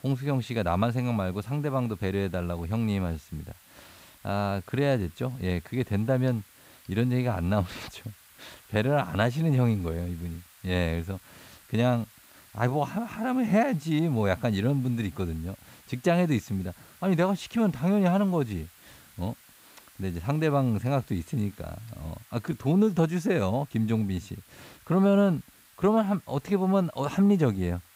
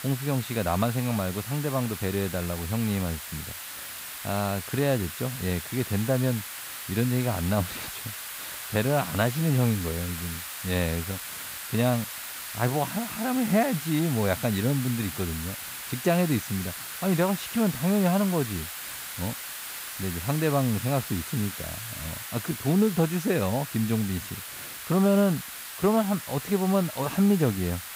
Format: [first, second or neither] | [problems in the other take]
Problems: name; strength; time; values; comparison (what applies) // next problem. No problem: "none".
first | hiss; loud; throughout; 8 dB below the speech; faint in the first